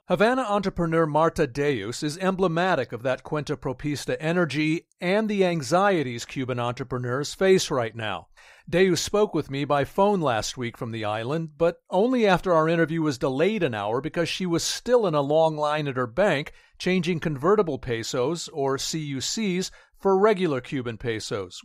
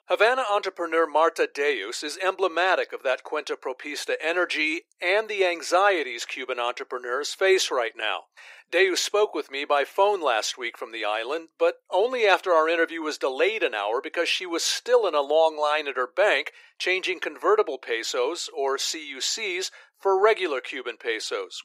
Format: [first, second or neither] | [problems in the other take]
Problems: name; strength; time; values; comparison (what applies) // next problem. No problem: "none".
first | thin; very; fading below 350 Hz